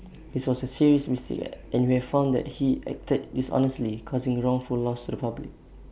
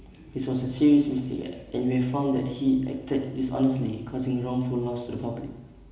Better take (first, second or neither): first